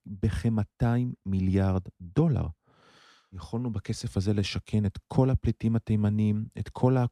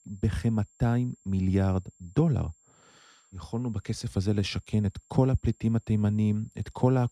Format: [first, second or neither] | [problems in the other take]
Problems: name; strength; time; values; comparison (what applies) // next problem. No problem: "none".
first | high-pitched whine; faint; throughout; 7.5 kHz, 35 dB below the speech